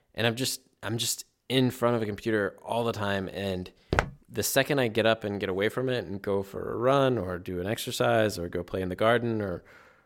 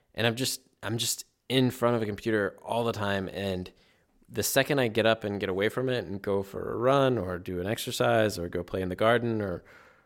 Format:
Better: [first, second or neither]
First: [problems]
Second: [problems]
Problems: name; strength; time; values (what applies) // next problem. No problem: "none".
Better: second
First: footsteps; noticeable; at 4 s; peak 1 dB below the speech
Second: none